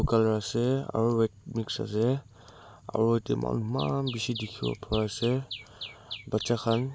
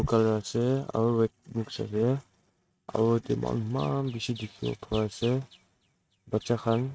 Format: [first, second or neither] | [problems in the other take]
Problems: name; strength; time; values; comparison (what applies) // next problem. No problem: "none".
first | noise reduction (neural mask model RNNoise)